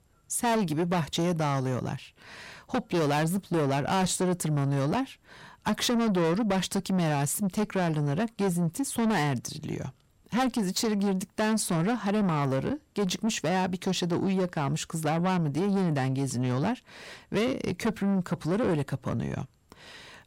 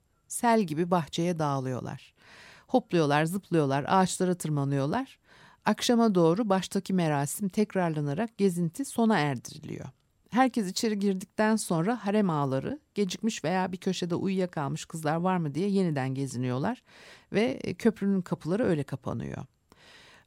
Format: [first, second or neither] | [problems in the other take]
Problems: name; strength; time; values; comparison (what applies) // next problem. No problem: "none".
second | distortion; heavy; 7 dB below the speech